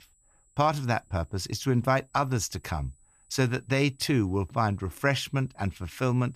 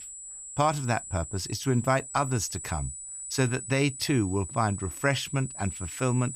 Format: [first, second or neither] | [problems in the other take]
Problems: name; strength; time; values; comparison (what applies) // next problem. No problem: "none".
first | high-pitched whine; loud; throughout; 8 kHz, 9 dB below the speech; faint in the first